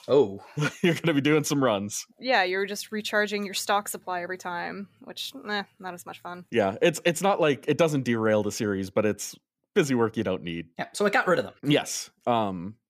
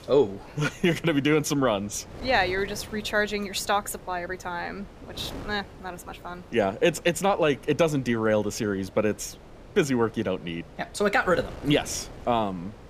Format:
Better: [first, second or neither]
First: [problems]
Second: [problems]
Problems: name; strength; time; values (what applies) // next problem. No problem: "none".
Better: first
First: none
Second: wind noise on the microphone; occasional gusts; 20 dB below the speech